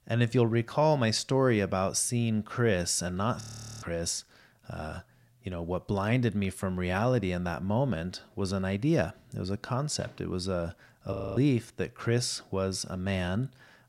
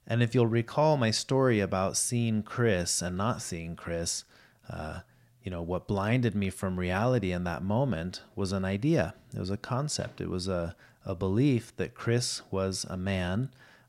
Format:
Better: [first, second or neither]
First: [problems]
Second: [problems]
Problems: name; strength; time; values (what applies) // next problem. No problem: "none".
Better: second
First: audio freezing; at 3.5 s and at 11 s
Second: none